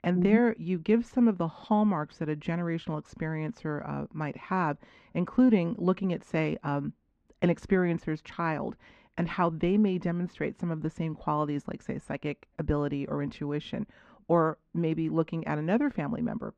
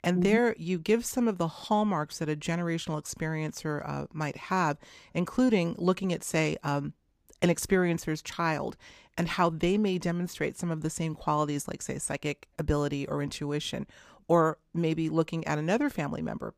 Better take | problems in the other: second | muffled; very; fading above 2.5 kHz

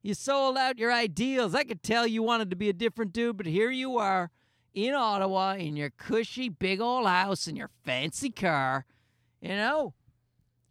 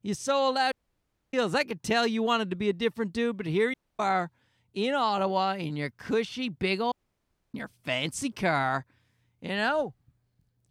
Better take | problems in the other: first | audio cutting out; at 0.5 s for 0.5 s, at 3.5 s and at 7 s for 0.5 s

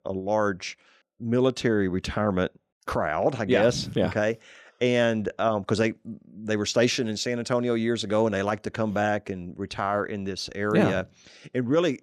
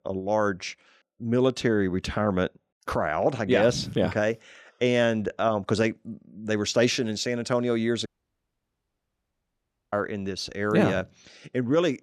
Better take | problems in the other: first | audio cutting out; at 8 s for 2 s

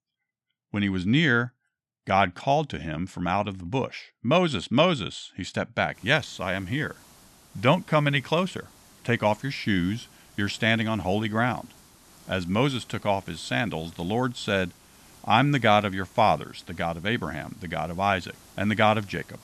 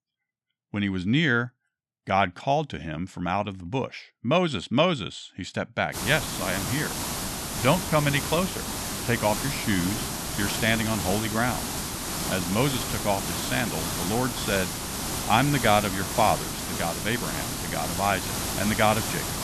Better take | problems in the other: first | hiss; loud; from 6 s on; 3 dB below the speech; faint in the first

